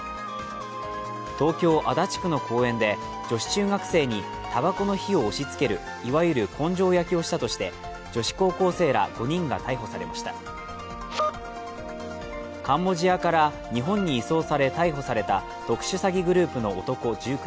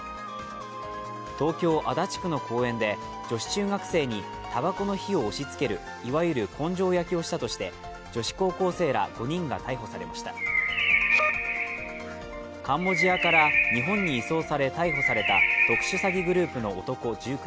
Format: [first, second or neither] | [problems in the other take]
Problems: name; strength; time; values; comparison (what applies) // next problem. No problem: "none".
first | background sound (Bird); 2 dB above the speech